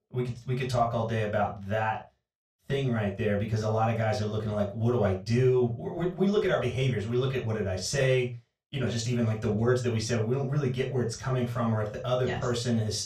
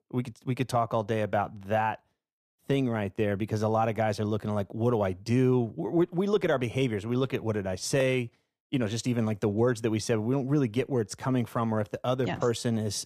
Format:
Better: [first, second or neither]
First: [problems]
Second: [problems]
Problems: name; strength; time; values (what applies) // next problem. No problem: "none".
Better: second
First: room echo; slight; dies away in 0.2 s // off-mic speech; far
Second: none